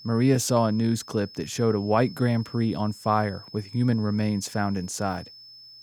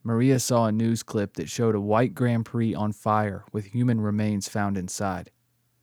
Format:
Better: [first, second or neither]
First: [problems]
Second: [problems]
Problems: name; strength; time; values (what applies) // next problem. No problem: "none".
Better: second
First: high-pitched whine; noticeable; throughout; 5 kHz, 20 dB below the speech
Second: none